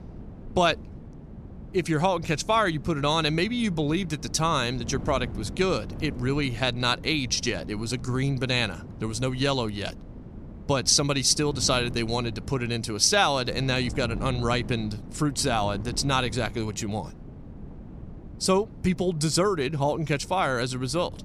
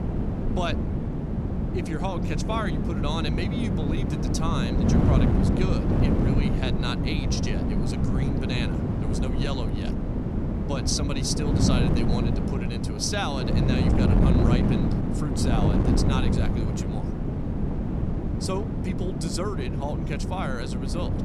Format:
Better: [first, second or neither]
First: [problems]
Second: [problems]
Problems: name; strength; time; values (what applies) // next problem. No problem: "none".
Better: first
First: wind noise on the microphone; occasional gusts; 20 dB below the speech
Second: wind noise on the microphone; heavy; as loud as the speech